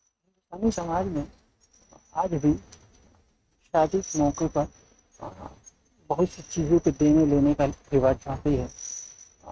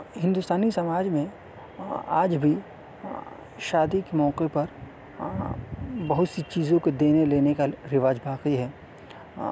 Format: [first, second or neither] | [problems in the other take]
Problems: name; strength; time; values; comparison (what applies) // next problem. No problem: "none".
second | noise reduction (neural mask model RNNoise)